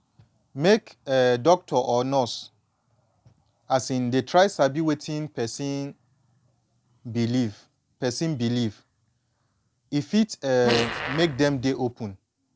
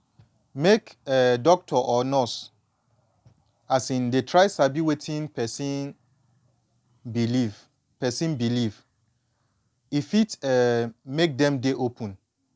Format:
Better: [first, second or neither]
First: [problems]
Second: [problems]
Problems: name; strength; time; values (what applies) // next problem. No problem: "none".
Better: second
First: background sound (Fart); 5 dB below the speech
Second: none